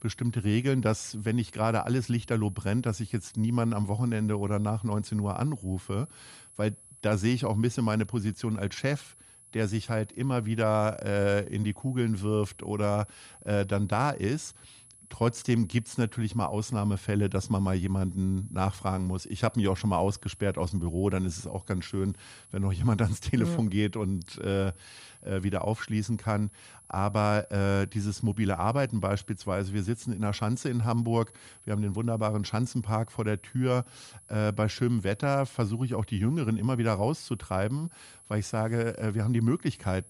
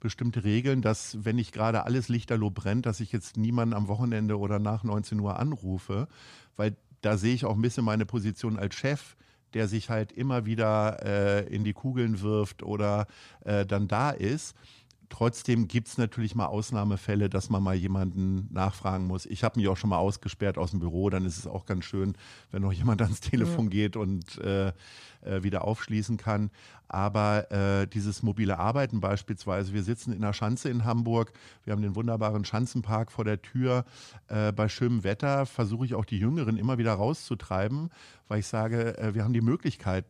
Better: second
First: high-pitched whine; faint; throughout; 10.5 kHz, 20 dB below the speech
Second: none

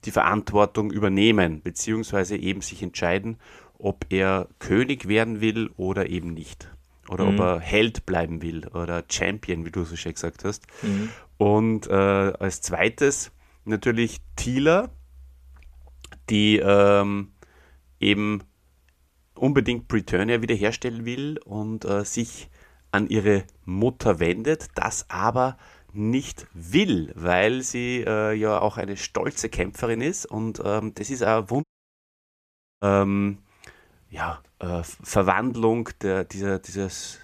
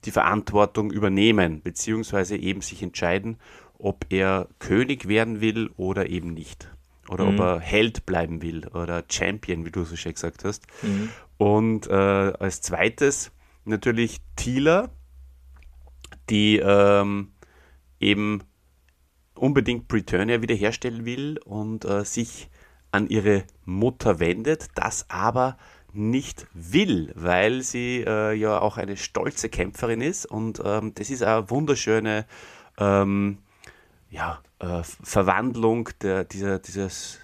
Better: second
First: audio cutting out; at 32 s for 1 s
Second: none

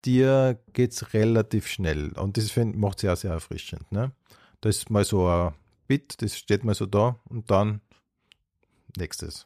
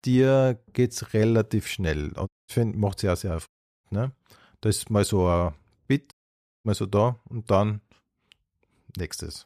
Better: first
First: none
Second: audio cutting out; at 2.5 s, at 3.5 s and at 6 s for 0.5 s

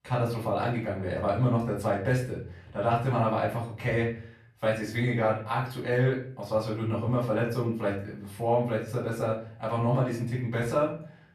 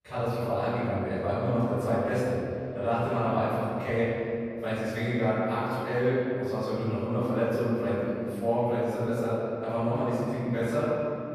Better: first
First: room echo; slight; dies away in 0.5 s // off-mic speech; far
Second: room echo; strong; dies away in 2.8 s // off-mic speech; far

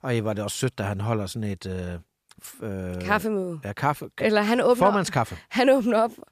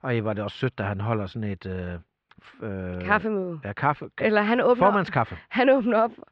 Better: first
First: none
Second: muffled; slightly; fading above 3.5 kHz

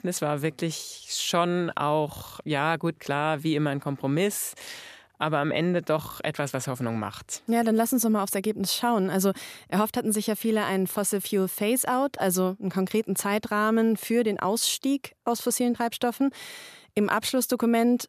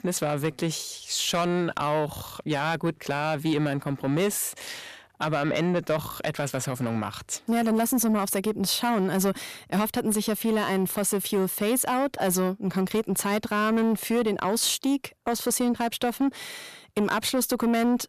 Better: first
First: none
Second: distortion; slight; 10 dB below the speech

